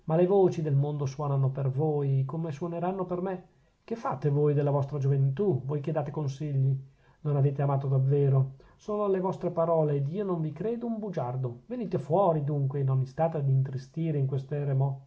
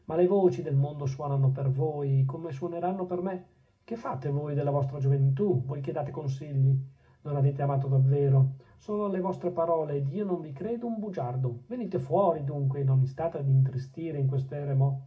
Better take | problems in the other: first | room echo; dies away in 0.4 s

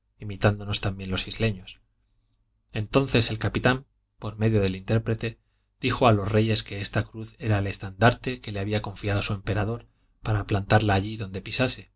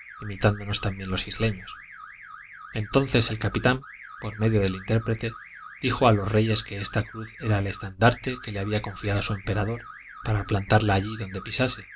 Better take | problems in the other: first | background sound (Alarm / Car); 18 dB below the speech

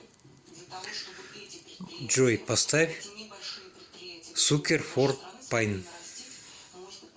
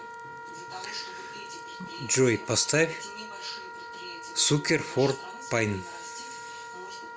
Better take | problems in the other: first | background sound (Wind instrument, woodwind instrument); 12 dB below the speech

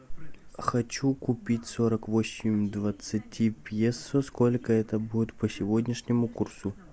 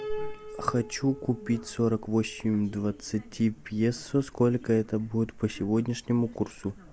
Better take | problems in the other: first | background sound (Piano); 17 dB below the speech

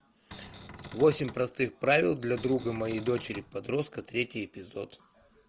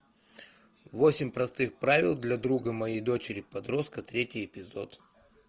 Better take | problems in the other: second | background sound (Cupboard open or close); 16 dB below the speech

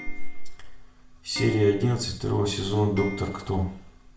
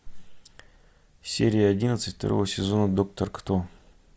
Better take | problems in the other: second | background sound (Clock); 18 dB below the speech // room echo; dies away in 0.5 s

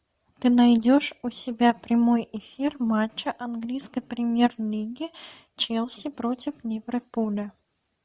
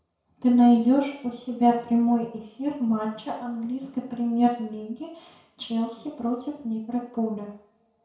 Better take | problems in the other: first | room echo; dies away in 0.6 s

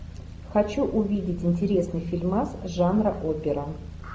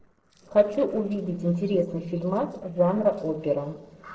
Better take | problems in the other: first | noise reduction (neural separator model SepFormer DNS4)

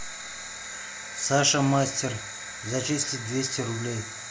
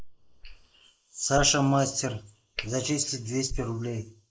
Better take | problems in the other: first | noise reduction (neural mask model Resemble Enhance denoiser)

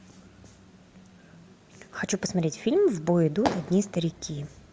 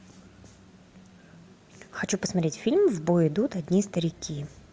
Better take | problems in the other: second | background sound (Fireworks); 5 dB below the speech

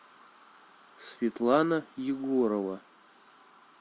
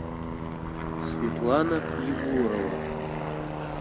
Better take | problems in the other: first | background sound (Aircraft); 1 dB below the speech

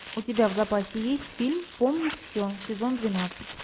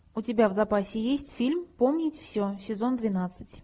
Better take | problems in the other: second | background sound (Crumpling, crinkling + Zipper (clothing)); 14 dB below the speech

